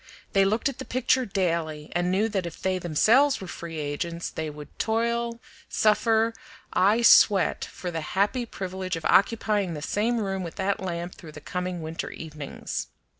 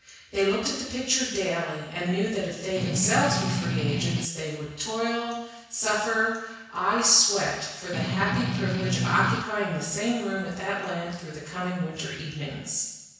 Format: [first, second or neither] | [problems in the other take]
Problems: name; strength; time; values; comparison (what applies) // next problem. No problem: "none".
first | background sound (Strum); as loud as the speech // room echo; dies away in 1.1 s